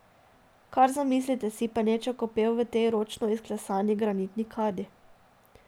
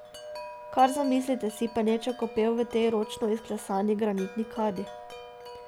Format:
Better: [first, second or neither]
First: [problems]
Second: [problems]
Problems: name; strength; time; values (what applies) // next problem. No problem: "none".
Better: first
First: none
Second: background sound (Wind chime); 14 dB below the speech